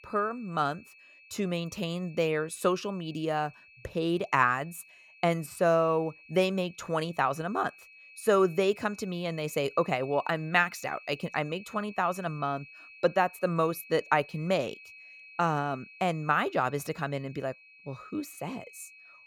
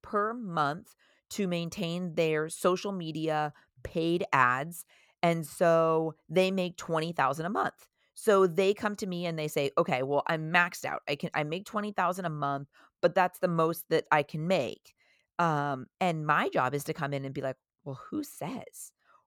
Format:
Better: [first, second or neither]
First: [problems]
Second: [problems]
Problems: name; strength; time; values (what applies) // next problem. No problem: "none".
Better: second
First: high-pitched whine; faint; throughout; 2.5 kHz, 20 dB below the speech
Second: none